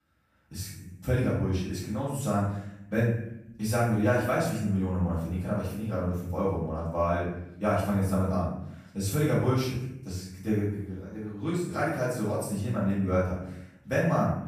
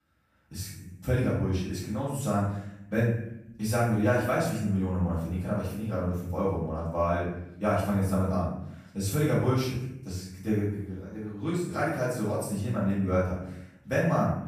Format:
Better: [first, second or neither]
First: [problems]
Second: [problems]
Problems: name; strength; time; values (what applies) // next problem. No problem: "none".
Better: neither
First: off-mic speech; far // room echo; noticeable; dies away in 0.7 s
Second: off-mic speech; far // room echo; noticeable; dies away in 0.7 s